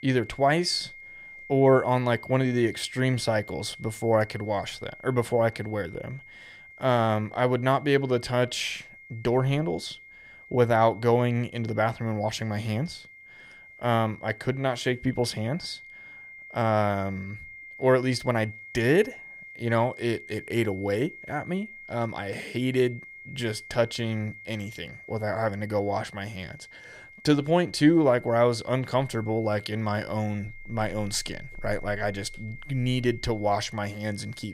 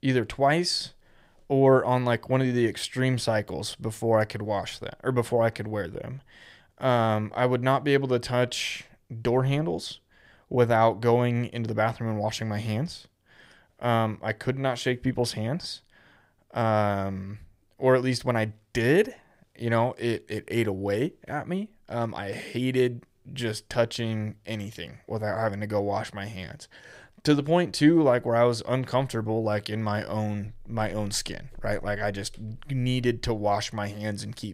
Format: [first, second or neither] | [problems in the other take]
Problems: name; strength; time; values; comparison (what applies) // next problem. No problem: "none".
second | high-pitched whine; noticeable; throughout; 2 kHz, 15 dB below the speech